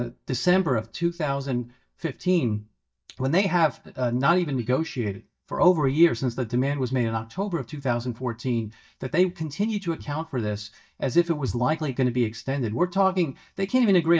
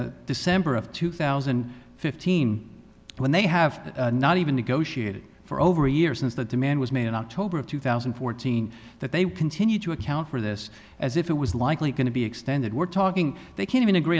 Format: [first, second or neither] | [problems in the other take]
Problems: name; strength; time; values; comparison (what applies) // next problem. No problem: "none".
second | noise reduction (neural mask model DeepFilterNet 3)